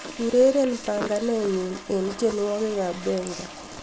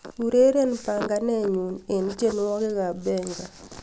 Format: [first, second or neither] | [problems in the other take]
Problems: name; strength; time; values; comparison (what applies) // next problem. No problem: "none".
second | background sound (Toilet flush); 16 dB below the speech